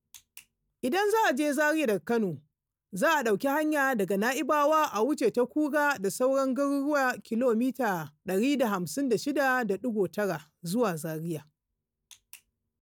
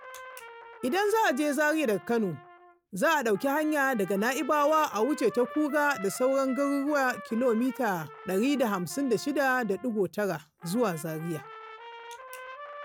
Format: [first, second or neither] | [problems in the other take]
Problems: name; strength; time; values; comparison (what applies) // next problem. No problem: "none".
first | background sound (Trumpet); 17 dB below the speech